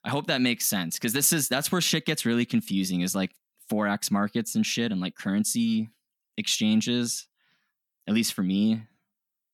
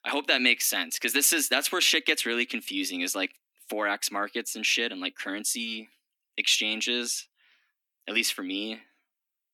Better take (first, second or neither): first